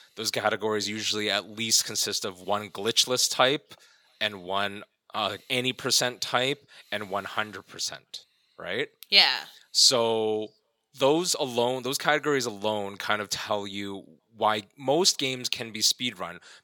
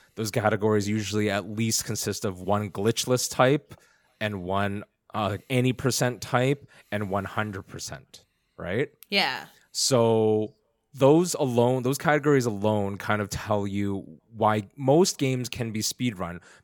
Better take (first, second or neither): second